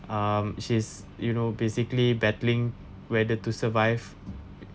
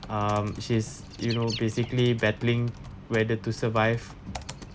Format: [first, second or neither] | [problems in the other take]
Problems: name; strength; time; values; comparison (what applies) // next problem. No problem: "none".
first | background sound (Bird + Typing); 16 dB below the speech